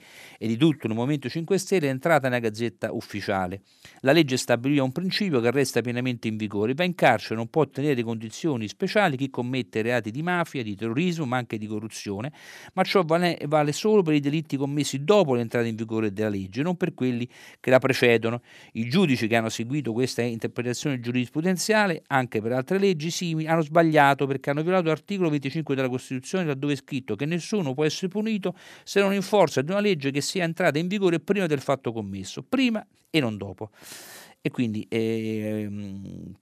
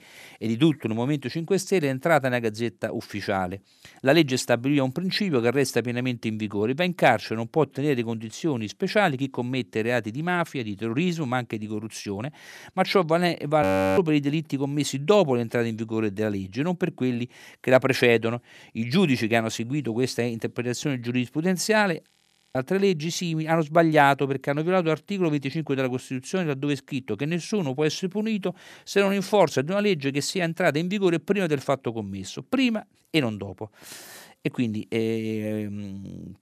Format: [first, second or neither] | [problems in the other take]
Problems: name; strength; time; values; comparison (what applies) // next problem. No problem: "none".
first | audio freezing; at 14 s and at 22 s